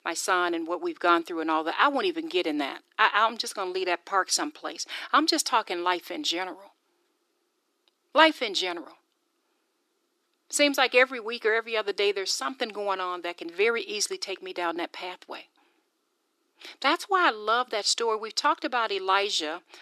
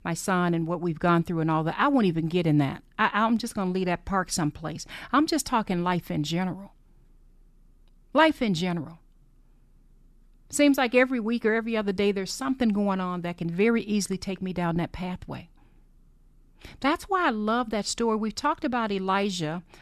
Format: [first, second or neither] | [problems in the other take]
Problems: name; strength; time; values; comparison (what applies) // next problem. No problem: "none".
second | thin; very; fading below 350 Hz